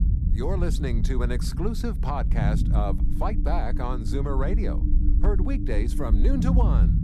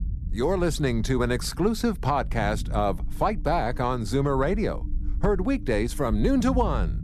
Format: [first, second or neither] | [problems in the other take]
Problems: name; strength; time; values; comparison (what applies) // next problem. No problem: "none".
second | low rumble; loud; throughout; 6 dB below the speech; faint in the second